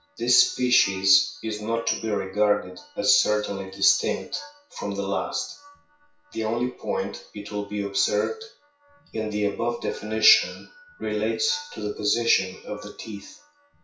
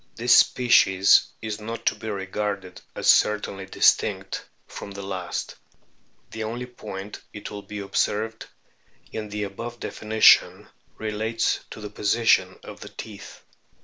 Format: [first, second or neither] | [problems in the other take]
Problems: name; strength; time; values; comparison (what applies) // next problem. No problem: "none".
second | noise reduction (classical method WPE with log-MMSE)